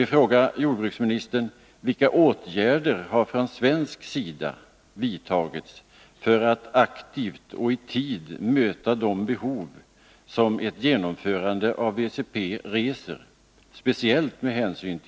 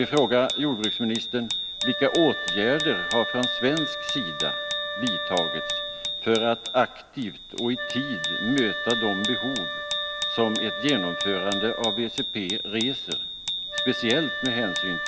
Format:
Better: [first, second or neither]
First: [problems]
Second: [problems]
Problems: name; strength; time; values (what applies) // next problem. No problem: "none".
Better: first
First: none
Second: background sound (Bicycle bell + Wind instrument, woodwind instrument); 2 dB below the speech